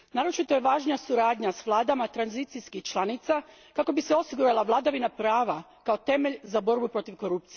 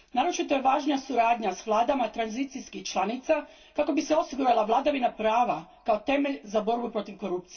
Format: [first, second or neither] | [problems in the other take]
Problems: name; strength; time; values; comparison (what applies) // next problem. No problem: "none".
first | room echo; dies away in 0.2 s